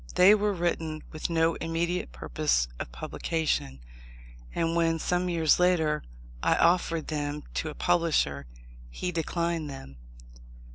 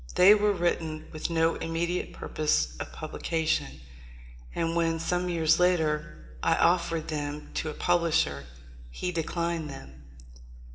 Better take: first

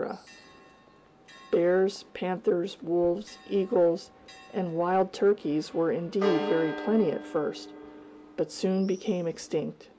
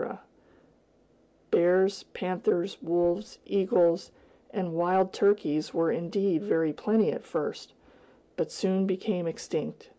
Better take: second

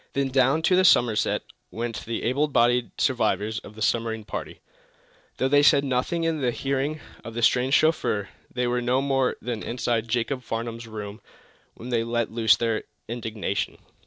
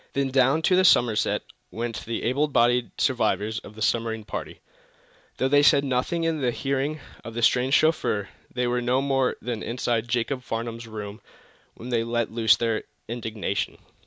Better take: second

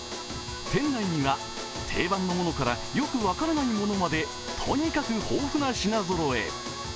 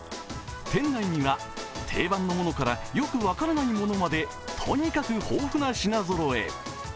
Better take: second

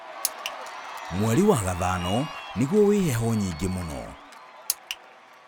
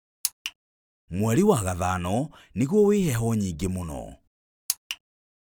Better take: second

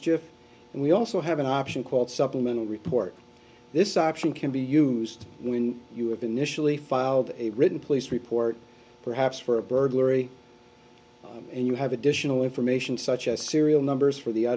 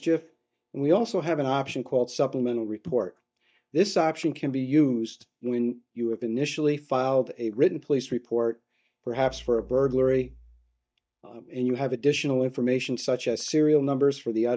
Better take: first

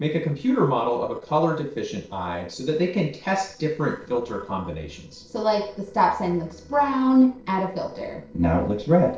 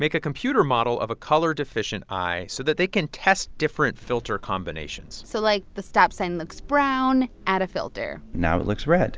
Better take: second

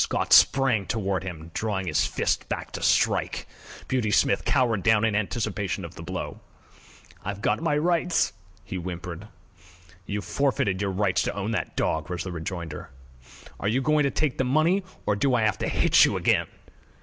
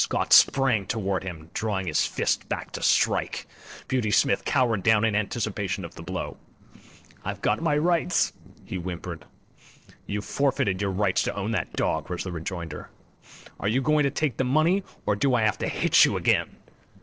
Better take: first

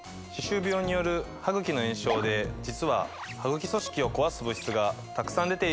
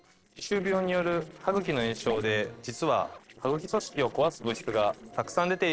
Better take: first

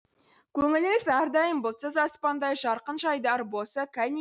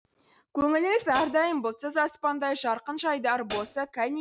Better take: first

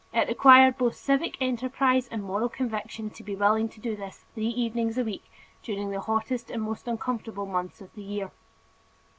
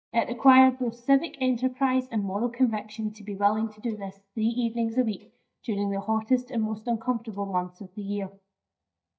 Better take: first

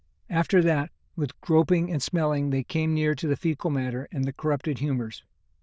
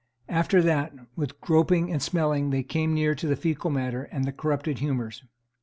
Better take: second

